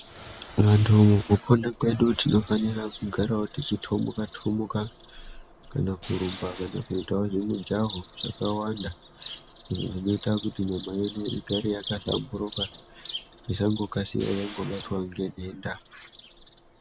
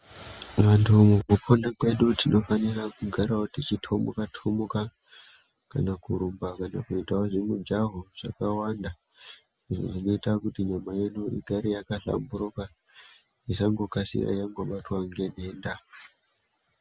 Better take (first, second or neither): second